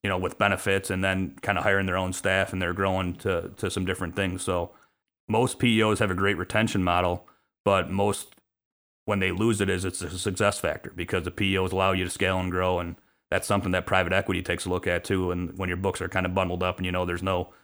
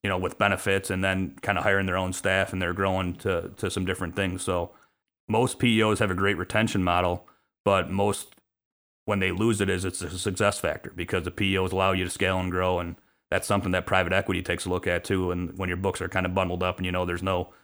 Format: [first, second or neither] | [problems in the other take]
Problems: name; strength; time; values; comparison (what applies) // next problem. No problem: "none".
neither | none